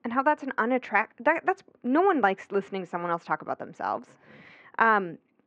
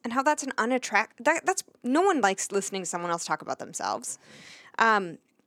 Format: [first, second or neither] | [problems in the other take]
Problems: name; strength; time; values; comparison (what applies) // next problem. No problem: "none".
second | muffled; very; fading above 2.5 kHz